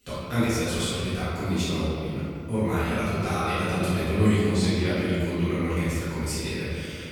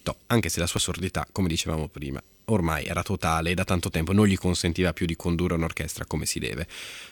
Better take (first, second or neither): second